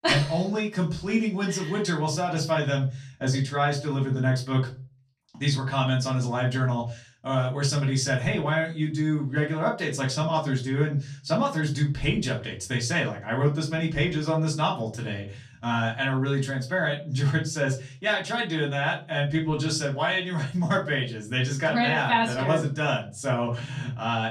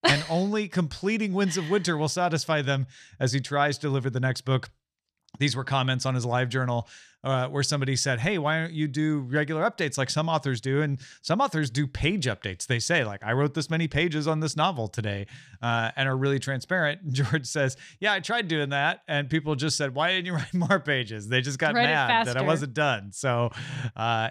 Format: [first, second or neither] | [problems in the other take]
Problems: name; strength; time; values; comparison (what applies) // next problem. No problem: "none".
second | off-mic speech; far // room echo; very slight; dies away in 0.3 s